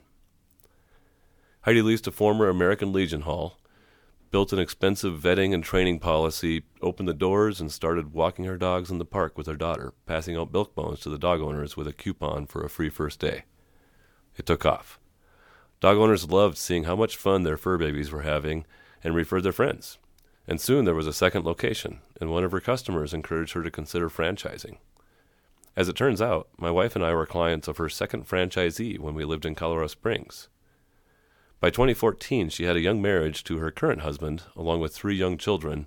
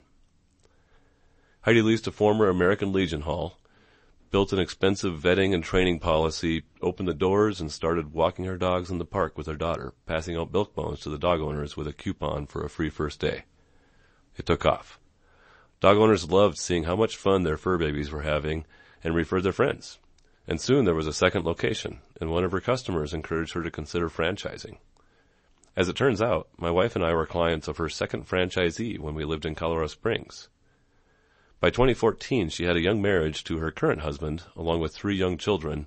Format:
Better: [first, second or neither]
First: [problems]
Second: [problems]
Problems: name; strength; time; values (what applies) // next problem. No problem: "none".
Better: first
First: none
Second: garbled, watery; slightly; nothing above 8 kHz